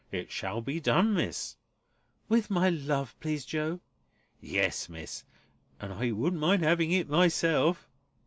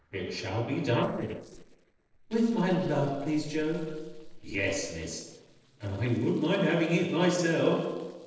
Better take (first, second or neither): first